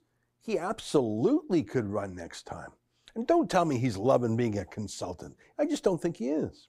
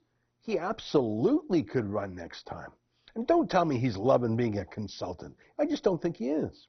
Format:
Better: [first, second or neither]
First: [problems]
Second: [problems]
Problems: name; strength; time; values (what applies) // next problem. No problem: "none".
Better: first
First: none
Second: garbled, watery; badly; nothing above 6 kHz